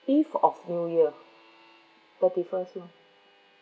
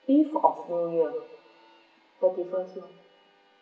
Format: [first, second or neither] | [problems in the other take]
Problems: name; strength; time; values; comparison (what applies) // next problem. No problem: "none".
first | room echo; dies away in 0.7 s